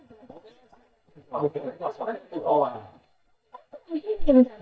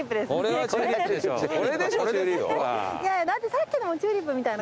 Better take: second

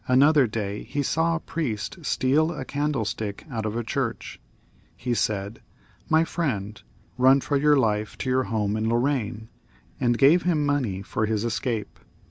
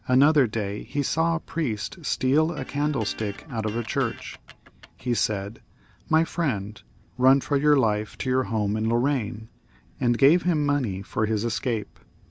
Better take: first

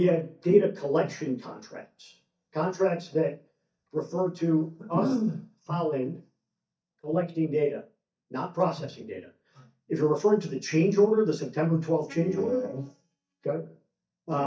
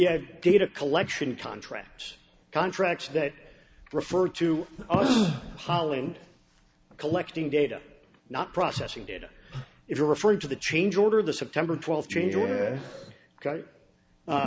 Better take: second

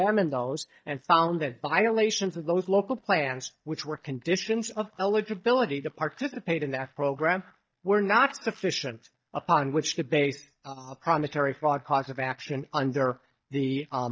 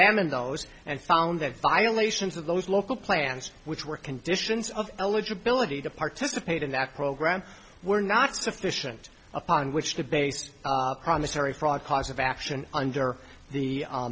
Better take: second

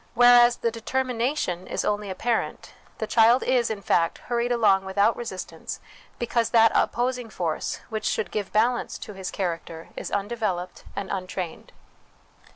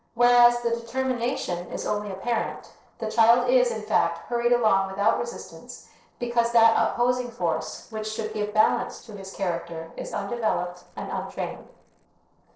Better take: first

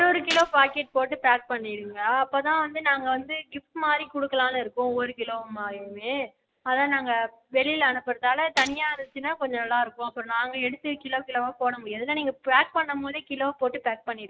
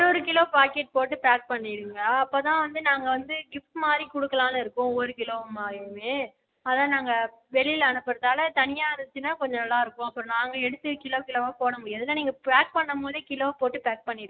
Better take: second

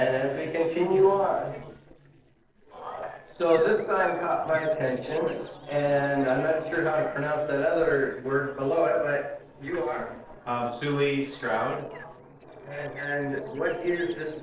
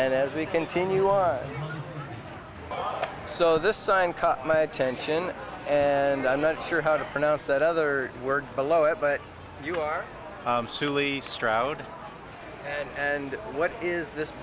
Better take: second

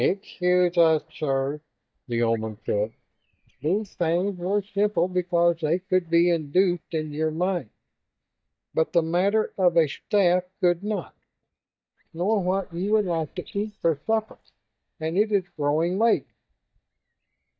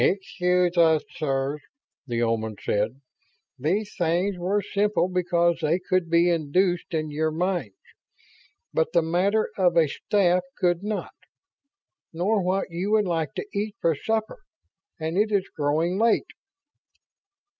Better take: second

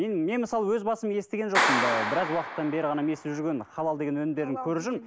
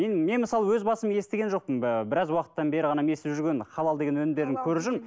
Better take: second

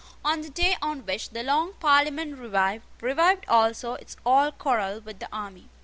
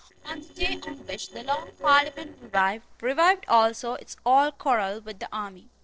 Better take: first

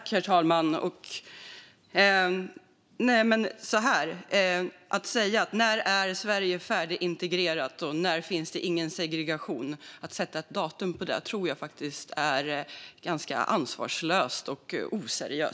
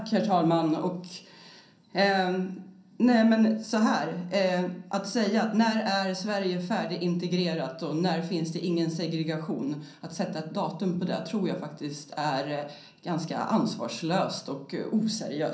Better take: first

